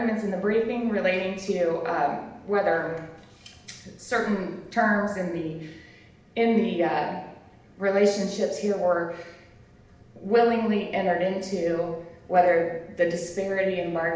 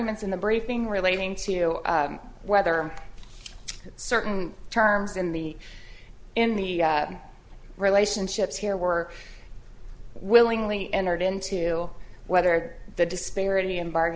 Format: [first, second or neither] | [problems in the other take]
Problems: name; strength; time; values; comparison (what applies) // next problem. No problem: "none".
second | room echo; dies away in 0.8 s